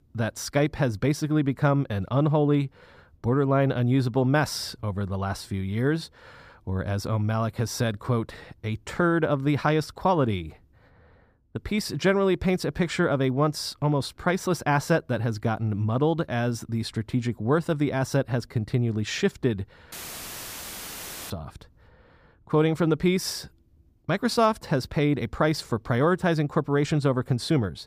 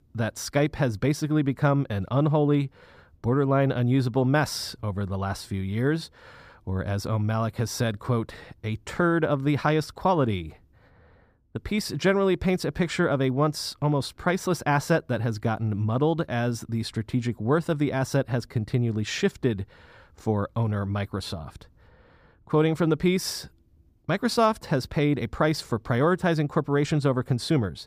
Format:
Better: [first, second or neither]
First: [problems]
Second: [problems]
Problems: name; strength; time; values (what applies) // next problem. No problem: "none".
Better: second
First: audio cutting out; filled with static; at 20 s for 1.5 s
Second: none